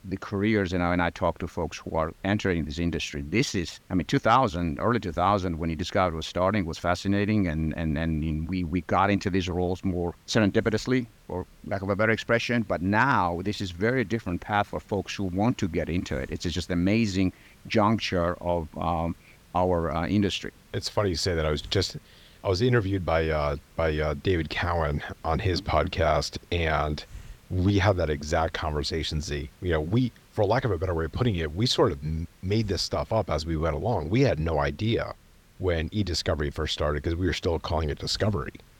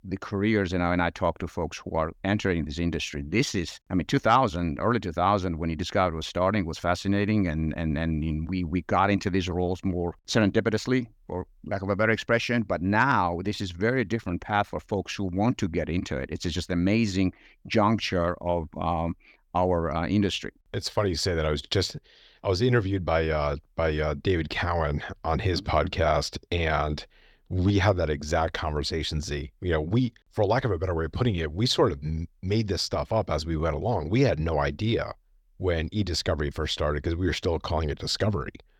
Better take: second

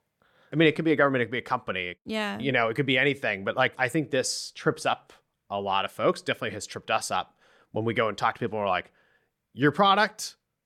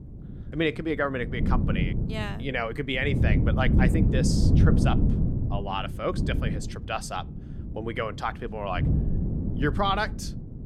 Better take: first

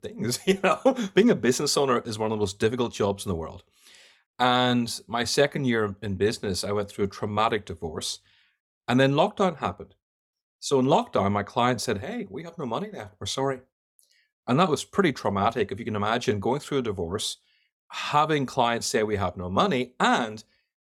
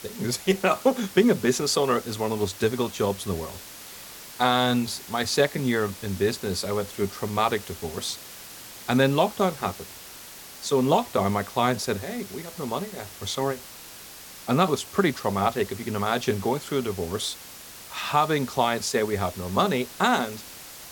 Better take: first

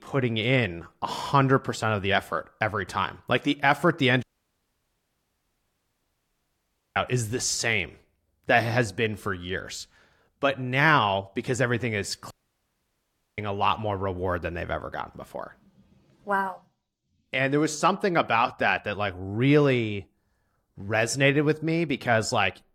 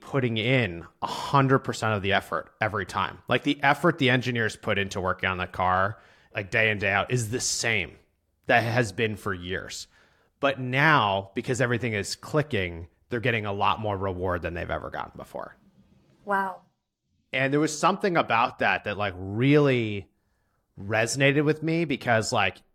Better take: second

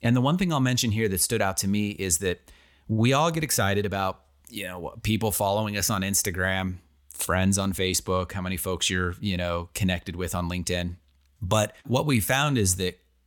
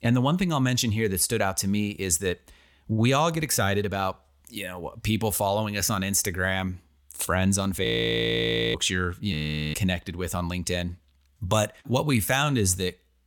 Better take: first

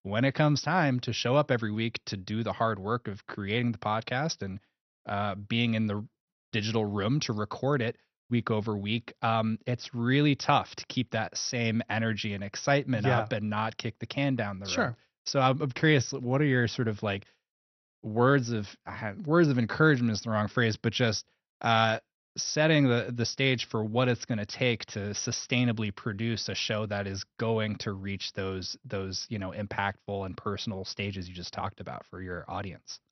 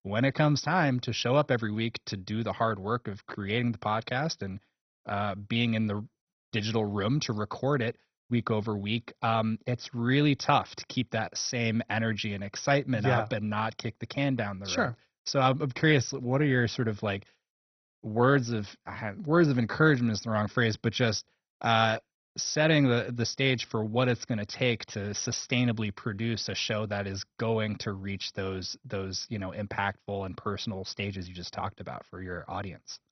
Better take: first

